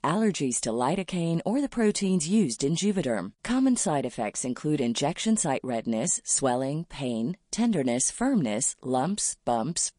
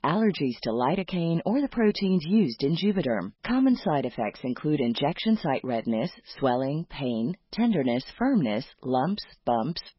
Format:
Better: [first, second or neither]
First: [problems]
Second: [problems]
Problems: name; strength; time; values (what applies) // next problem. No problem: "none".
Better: first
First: garbled, watery; slightly; nothing above 10 kHz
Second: garbled, watery; badly; nothing above 5.5 kHz